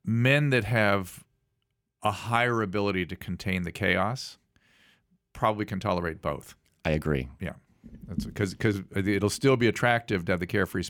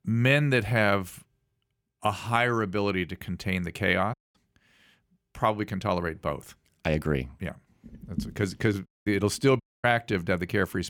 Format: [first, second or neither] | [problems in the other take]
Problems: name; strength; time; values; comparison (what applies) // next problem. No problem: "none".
first | audio cutting out; at 4 s, at 9 s and at 9.5 s